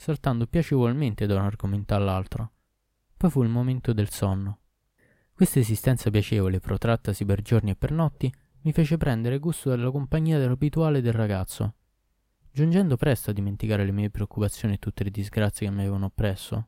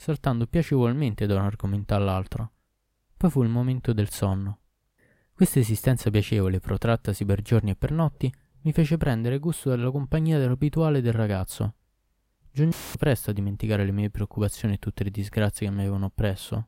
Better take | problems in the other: first | audio cutting out; filled with static; at 13 s

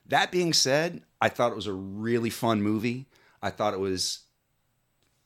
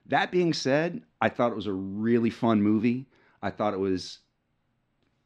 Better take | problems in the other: first | muffled; slightly; fading above 3 kHz

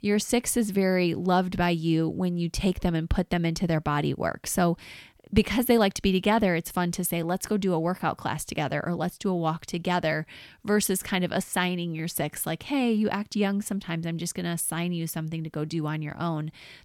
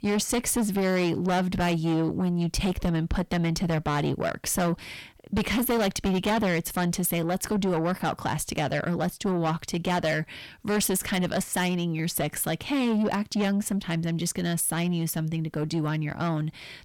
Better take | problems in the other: first | distortion; heavy; 7 dB below the speech

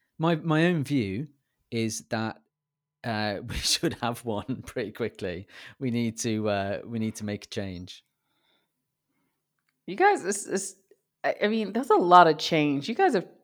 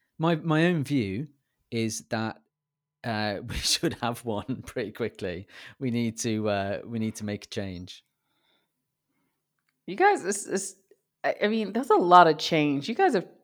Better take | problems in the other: neither | none

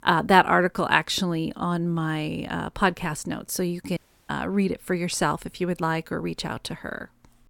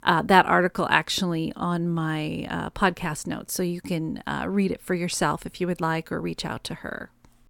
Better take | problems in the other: second | audio cutting out; at 4 s

